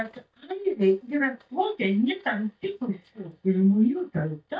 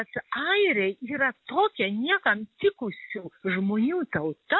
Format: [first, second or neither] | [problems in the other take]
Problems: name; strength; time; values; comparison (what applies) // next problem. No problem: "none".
second | noise reduction (neural mask model DeepFilterNet 3)